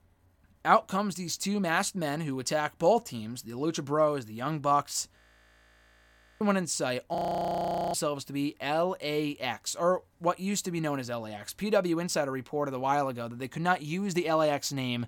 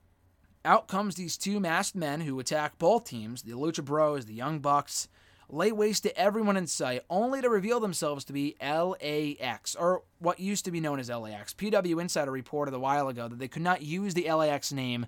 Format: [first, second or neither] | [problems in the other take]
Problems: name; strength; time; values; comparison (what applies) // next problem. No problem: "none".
second | audio freezing; at 5 s for 1 s and at 7 s for 1 s